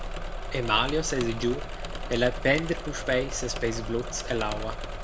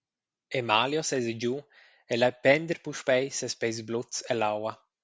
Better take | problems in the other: second | background sound (Engine / Mechanisms); 4 dB below the speech // room echo; dies away in 0.3 s

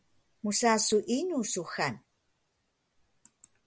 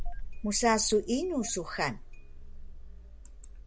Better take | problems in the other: first | background sound (Engine starting); 7 dB below the speech

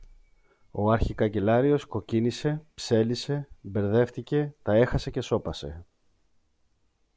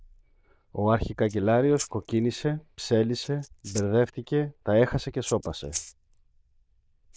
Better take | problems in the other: first | noise reduction (neural diffusion model UNIVERSE++)

